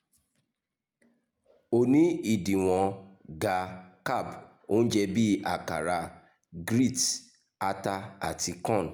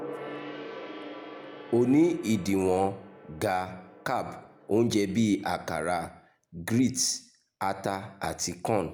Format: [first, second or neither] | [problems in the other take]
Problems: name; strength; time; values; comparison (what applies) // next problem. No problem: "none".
first | background sound (Gong); 17 dB below the speech